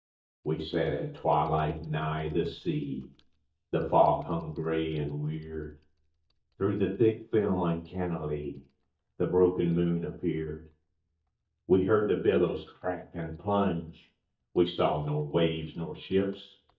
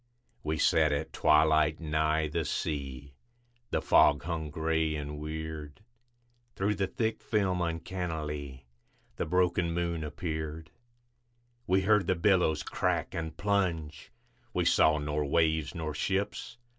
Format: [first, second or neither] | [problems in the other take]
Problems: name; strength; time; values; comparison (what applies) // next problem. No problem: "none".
second | noise reduction (neural mask model DeepFilterNet 3)